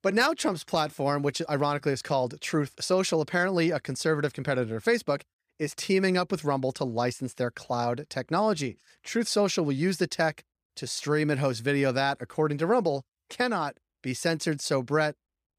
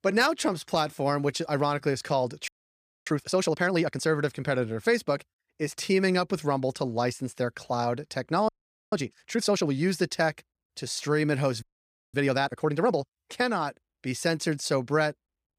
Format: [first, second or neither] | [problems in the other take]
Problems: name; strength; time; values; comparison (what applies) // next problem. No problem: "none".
first | audio freezing; at 2.5 s for 0.5 s, at 8.5 s and at 12 s for 0.5 s